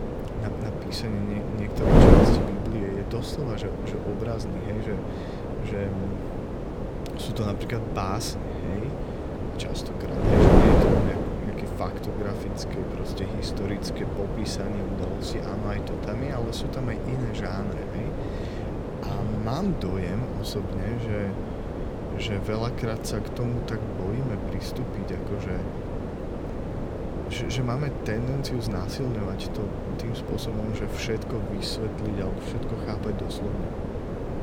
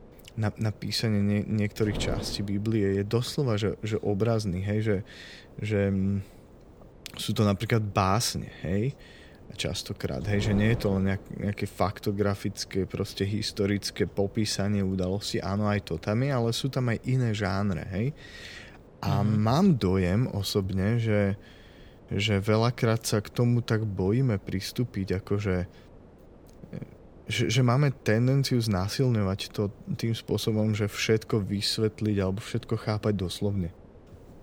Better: second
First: wind noise on the microphone; heavy; 4 dB above the speech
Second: wind noise on the microphone; occasional gusts; 20 dB below the speech

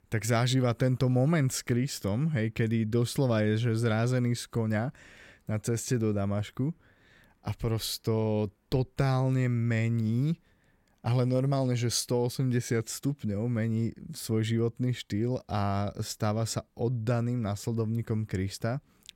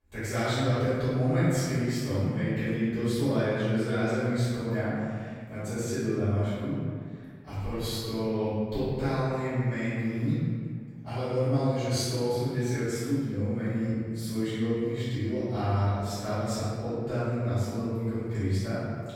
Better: first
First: none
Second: off-mic speech; far // room echo; strong; dies away in 1.7 s

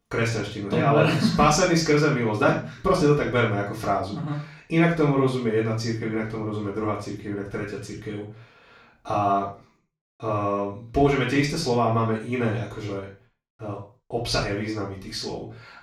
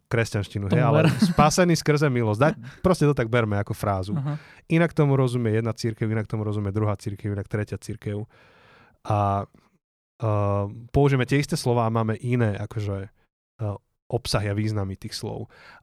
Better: second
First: room echo; noticeable; dies away in 0.3 s // off-mic speech; far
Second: none

